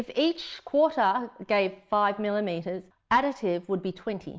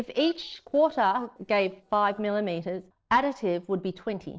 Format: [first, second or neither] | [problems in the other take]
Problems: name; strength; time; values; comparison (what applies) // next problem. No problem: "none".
first | noise reduction (neural separator model SepFormer DNS4)